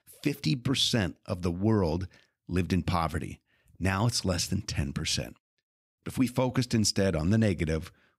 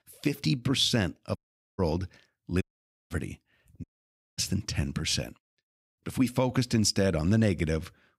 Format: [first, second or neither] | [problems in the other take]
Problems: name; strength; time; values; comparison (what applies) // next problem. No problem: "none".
first | audio cutting out; at 1.5 s, at 2.5 s and at 4 s for 0.5 s